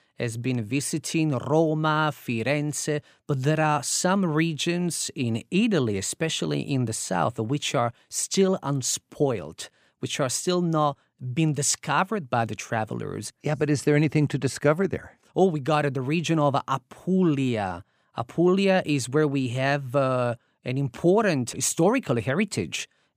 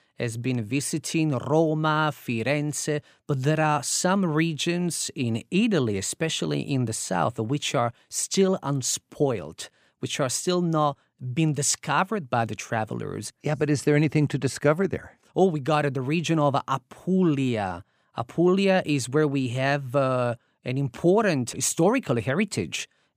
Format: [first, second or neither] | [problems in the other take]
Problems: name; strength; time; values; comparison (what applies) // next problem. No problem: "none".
neither | none